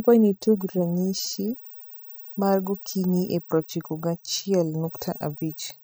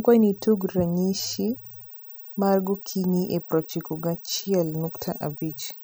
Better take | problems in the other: second | noise reduction (neural mask model DeepFilterNet 3)

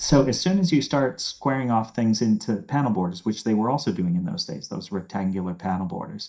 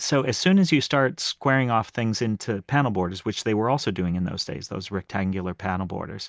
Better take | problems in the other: second | noise reduction (neural mask model DeepFilterNet 3)

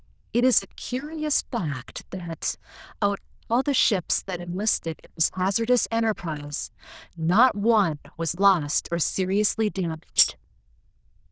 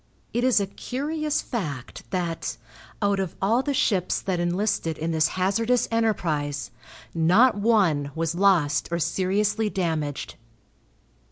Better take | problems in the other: second | noise reduction (neural diffusion model UNIVERSE++)

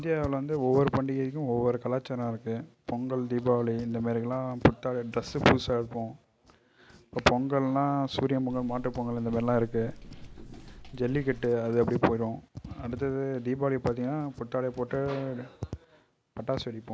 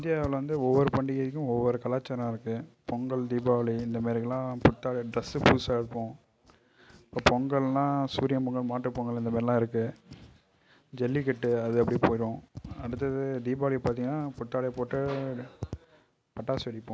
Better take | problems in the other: second | background sound (Walk, footsteps); 15 dB below the speech

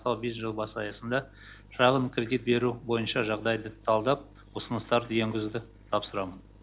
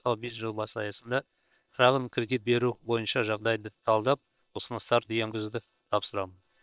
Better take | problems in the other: first | noise reduction (neural separator model SepFormer WHAM!)

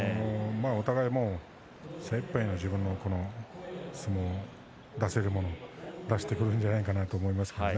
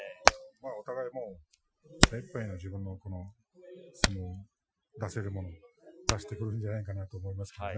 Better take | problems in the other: first | noise reduction (classical method Wiener filter)

